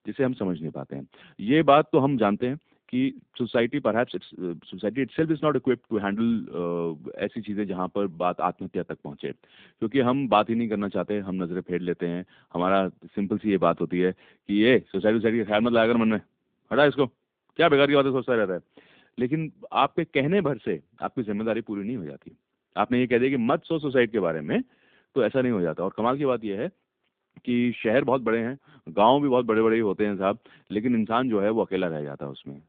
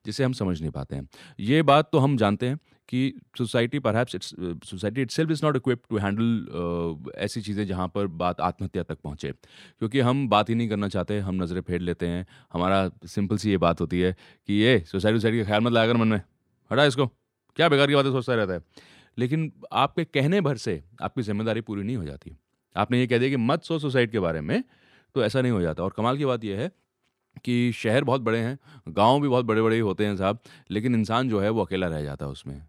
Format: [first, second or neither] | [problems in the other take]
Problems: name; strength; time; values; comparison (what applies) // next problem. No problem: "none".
second | phone-call audio